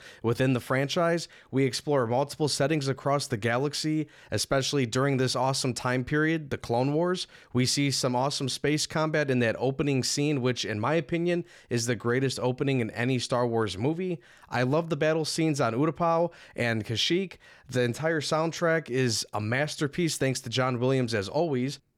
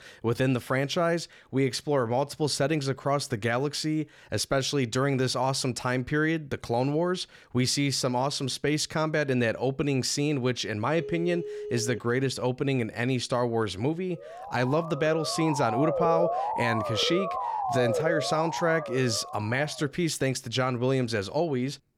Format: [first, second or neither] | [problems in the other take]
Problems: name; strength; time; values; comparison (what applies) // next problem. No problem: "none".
first | phone ringing; noticeable; from 11 to 12 s; peak 9 dB below the speech // siren; loud; from 14 to 20 s; peak level with the speech